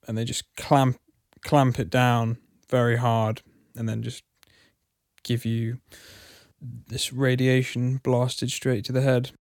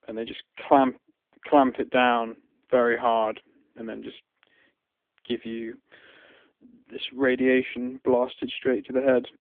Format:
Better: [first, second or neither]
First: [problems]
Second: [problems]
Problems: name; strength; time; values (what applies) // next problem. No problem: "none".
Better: first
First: none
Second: phone-call audio; poor line; nothing above 3.5 kHz